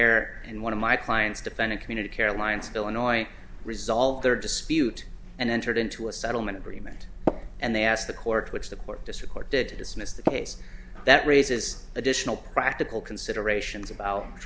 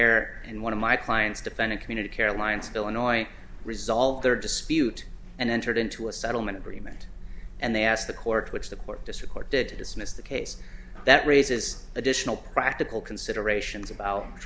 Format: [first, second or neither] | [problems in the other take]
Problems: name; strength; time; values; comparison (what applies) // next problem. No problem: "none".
second | background sound (Tap); 1 dB below the speech